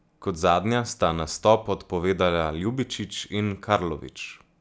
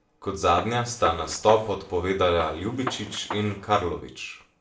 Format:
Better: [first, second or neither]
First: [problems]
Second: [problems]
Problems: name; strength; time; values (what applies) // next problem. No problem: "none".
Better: first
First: none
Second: background sound (Gunshot, gunfire); 12 dB below the speech // room echo; dies away in 0.3 s